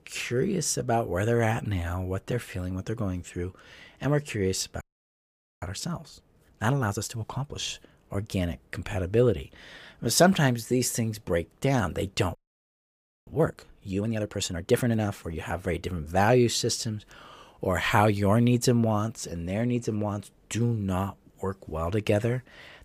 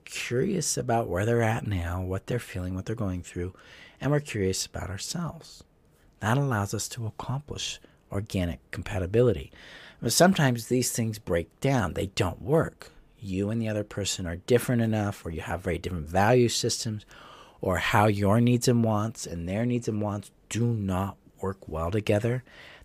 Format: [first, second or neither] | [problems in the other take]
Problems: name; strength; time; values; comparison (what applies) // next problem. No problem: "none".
second | audio freezing; at 5 s for 1 s and at 12 s for 1 s